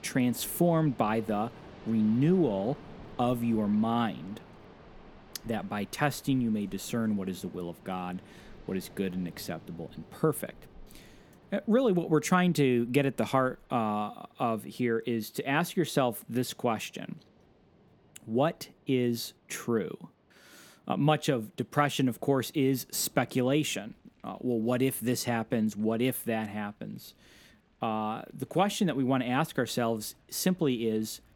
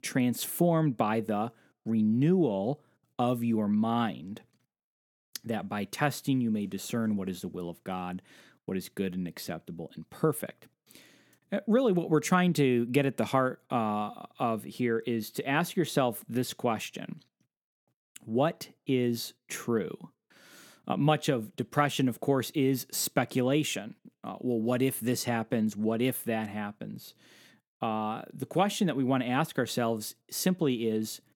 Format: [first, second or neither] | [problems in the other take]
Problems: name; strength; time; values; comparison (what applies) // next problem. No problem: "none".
second | rain or running water; faint; throughout; 25 dB below the speech